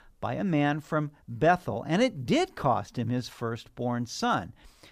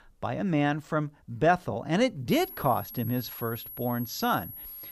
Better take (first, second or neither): first